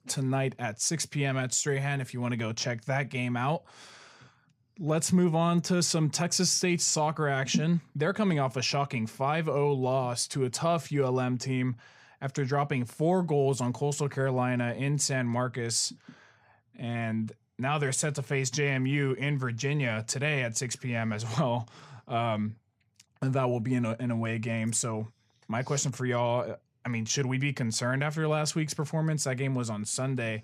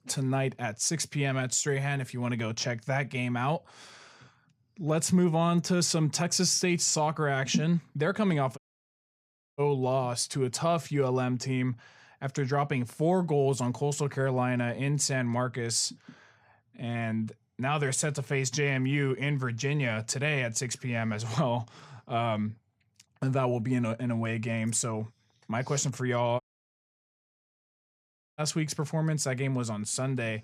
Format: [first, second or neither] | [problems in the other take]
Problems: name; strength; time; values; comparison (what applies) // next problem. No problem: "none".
first | audio cutting out; at 8.5 s for 1 s and at 26 s for 2 s